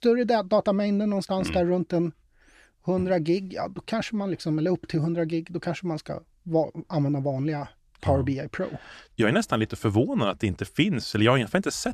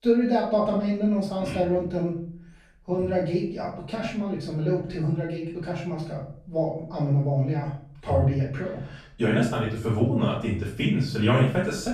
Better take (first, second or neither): first